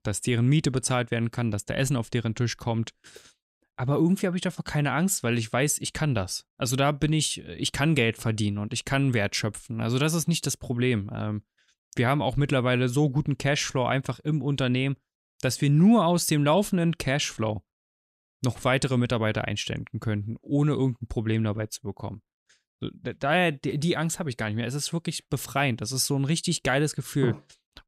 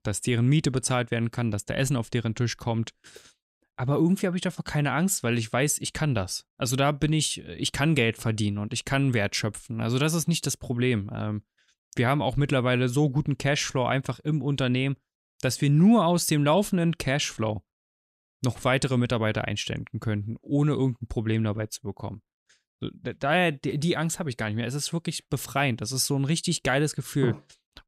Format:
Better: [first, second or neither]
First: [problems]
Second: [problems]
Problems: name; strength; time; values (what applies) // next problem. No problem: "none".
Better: neither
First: none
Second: none